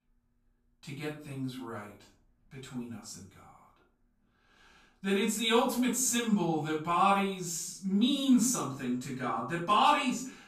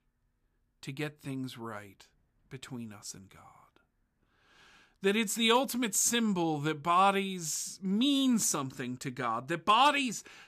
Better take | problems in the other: second | off-mic speech; far // room echo; noticeable; dies away in 0.4 s

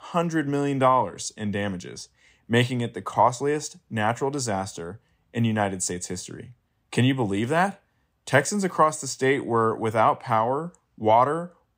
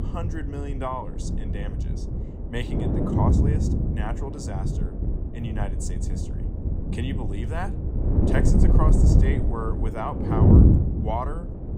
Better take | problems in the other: first | wind noise on the microphone; heavy; as loud as the speech

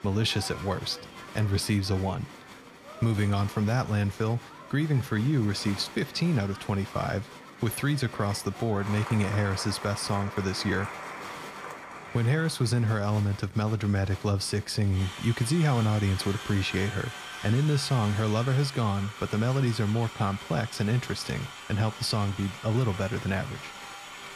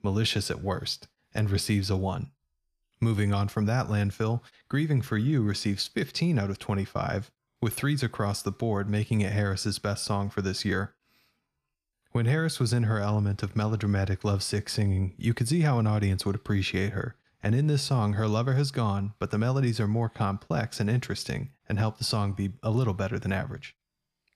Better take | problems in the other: second | crowd noise; noticeable; throughout; 15 dB below the speech

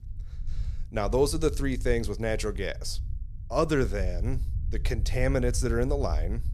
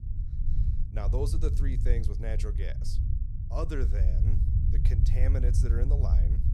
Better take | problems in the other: first | low rumble; loud; throughout; 5 dB below the speech; faint in the first

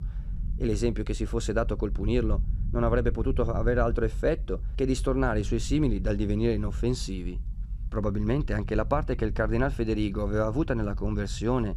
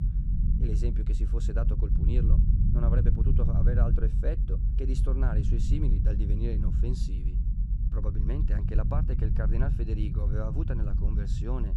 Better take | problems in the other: first | low rumble; loud; throughout; 2 dB below the speech; faint in the first

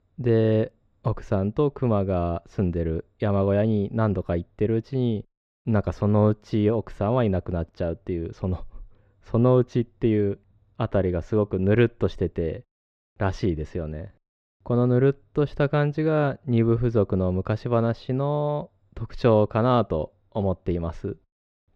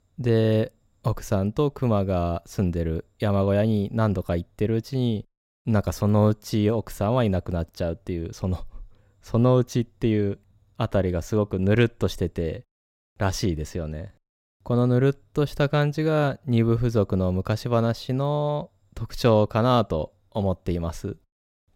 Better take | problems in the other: second | muffled; slightly; fading above 3 kHz

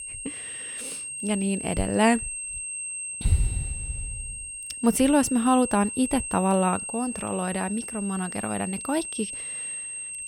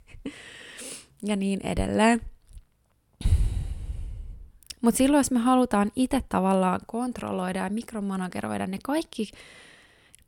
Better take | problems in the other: second | high-pitched whine; loud; throughout; 8.5 kHz, 7 dB below the speech

